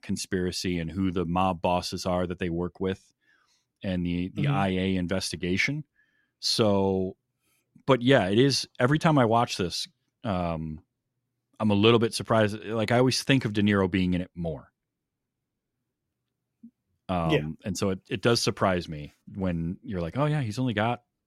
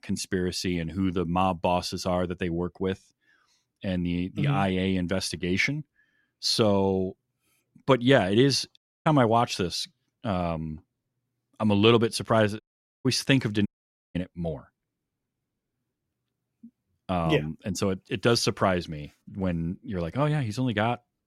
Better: first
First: none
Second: audio cutting out; at 9 s, at 13 s and at 14 s

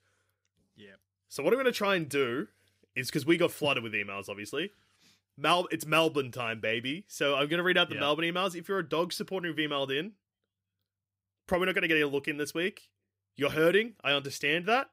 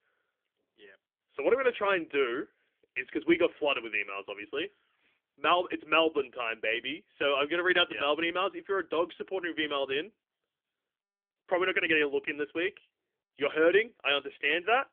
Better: first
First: none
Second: phone-call audio; nothing above 3.5 kHz

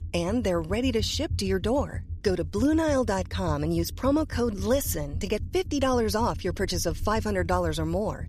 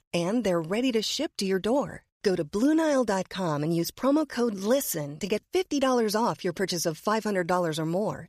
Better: second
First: low rumble; faint; throughout; 25 dB below the speech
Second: none

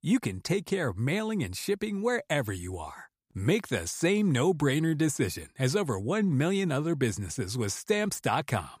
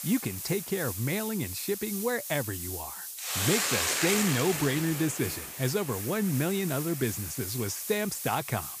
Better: first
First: none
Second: hiss; loud; throughout; 2 dB below the speech

